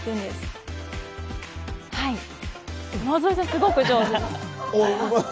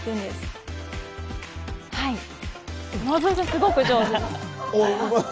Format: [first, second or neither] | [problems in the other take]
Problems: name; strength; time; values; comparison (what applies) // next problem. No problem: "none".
first | background sound (Splash, splatter); 13 dB below the speech